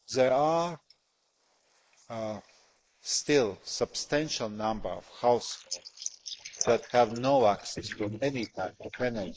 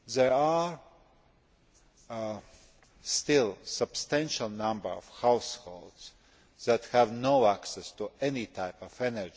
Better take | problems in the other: second | noise reduction (neural mask model Resemble Enhance denoiser)

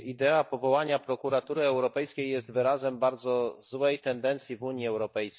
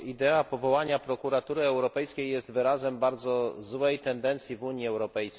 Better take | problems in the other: second | noise reduction (neural mask model DeepFilterNet 3)

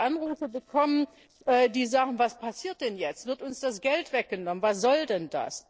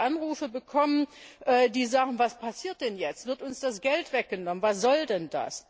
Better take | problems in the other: second | noise reduction (neural separator model SepFormer DNS4)

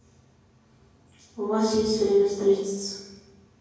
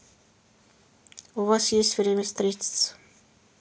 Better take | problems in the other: second | room echo; dies away in 1.3 s

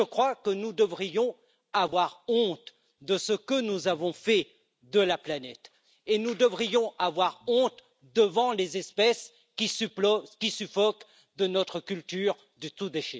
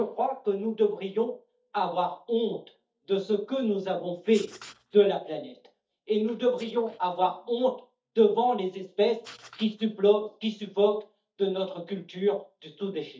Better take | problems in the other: first | noise reduction (neural mask model DeepFilterNet 3)

